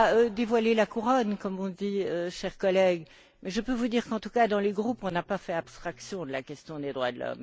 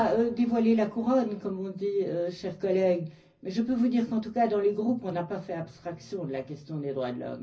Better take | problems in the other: first | room echo; dies away in 0.4 s

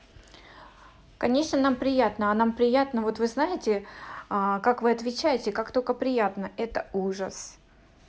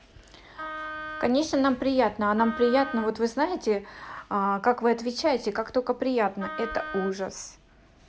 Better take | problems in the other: first | background sound (Wind instrument, woodwind instrument); 11 dB below the speech

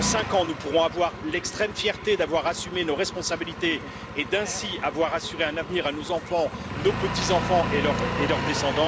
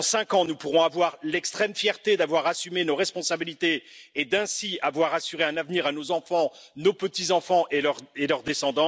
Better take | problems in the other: second | background sound (Engine); 5 dB below the speech

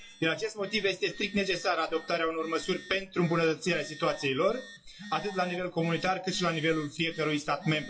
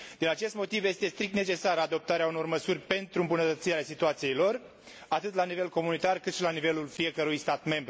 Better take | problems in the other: second | noise reduction (classical method WPE with log-MMSE)

